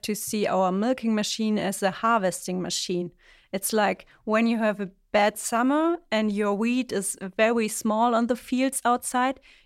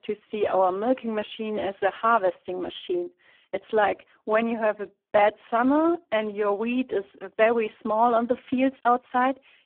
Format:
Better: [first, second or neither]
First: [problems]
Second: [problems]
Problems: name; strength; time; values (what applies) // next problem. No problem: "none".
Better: first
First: none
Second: phone-call audio; poor line